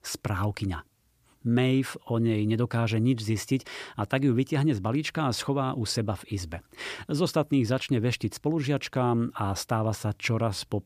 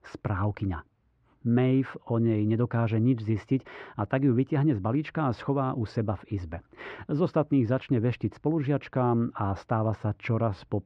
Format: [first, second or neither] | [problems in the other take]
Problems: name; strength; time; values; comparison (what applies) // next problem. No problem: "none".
first | muffled; very; fading above 1.5 kHz